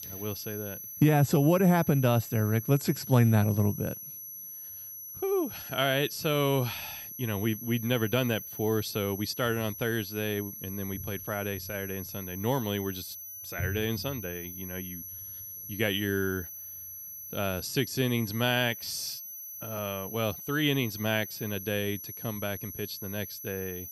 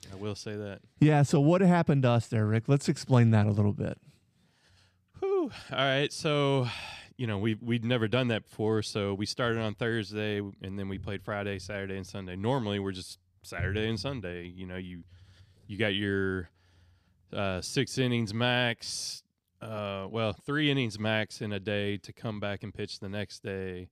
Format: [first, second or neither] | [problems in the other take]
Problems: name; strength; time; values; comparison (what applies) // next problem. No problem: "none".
second | high-pitched whine; loud; throughout; 11.5 kHz, 10 dB below the speech